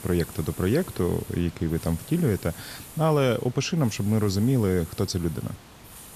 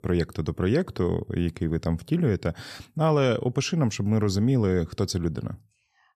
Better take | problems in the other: second | hiss; noticeable; throughout; 15 dB below the speech

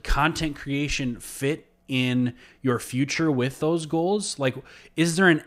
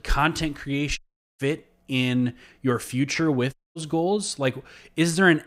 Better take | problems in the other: first | audio cutting out; at 1 s and at 3.5 s

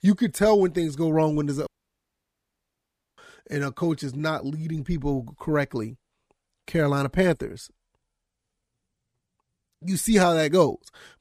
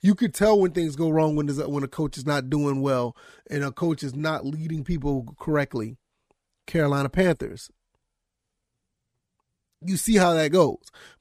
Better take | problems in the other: second | audio cutting out; at 1.5 s for 1.5 s

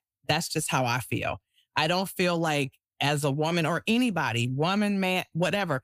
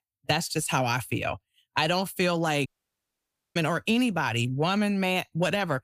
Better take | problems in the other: first | audio cutting out; at 2.5 s for 1 s

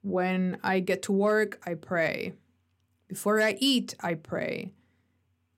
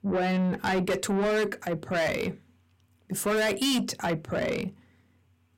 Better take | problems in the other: first | distortion; heavy; 7 dB below the speech

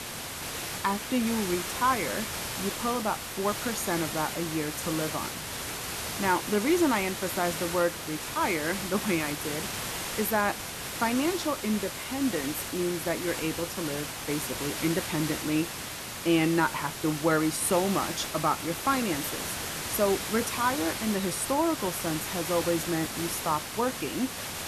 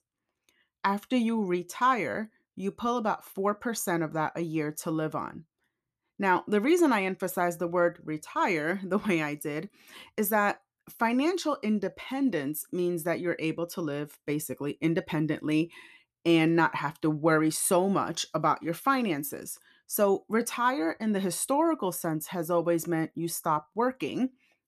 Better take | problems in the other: second | hiss; loud; throughout; 4 dB below the speech

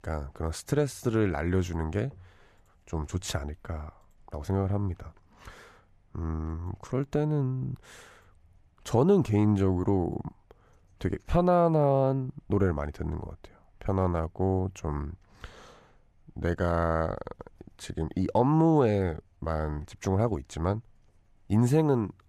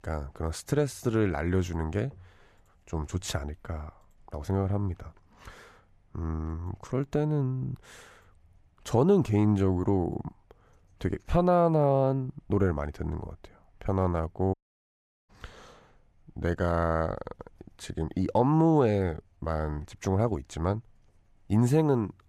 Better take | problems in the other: first | audio cutting out; at 15 s for 0.5 s

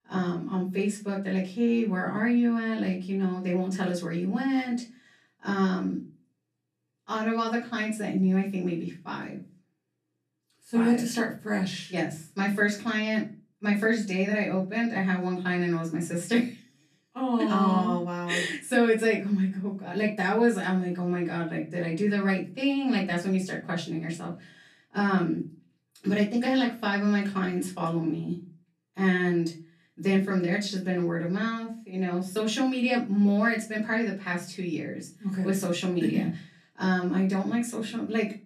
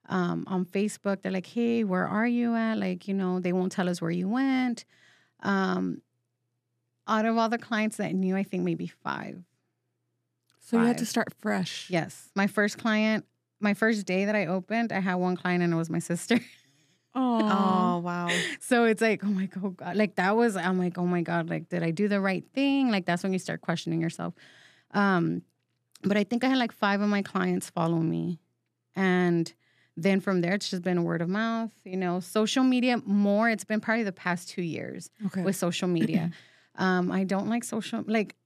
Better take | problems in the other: second | off-mic speech; far // room echo; very slight; dies away in 0.3 s

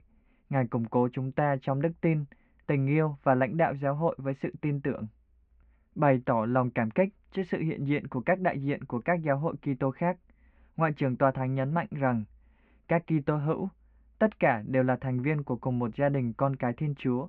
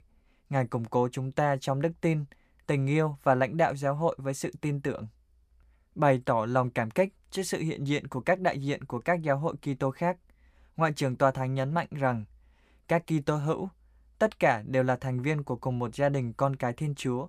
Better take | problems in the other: second | muffled; very; fading above 2.5 kHz

